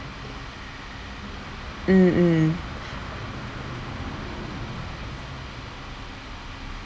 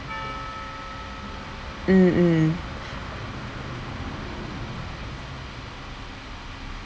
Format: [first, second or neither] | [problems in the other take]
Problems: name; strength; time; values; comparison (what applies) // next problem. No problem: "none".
first | background sound (Percussion); 17 dB below the speech